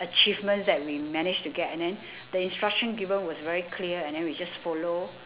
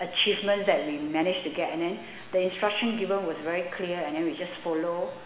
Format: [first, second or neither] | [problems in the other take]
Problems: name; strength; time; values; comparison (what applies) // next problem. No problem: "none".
first | room echo; dies away in 1.7 s